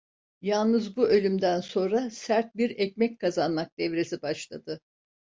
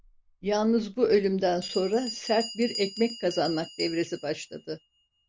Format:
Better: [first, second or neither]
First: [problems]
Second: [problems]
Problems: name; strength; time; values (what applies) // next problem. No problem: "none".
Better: first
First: none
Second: background sound (Bell); 14 dB below the speech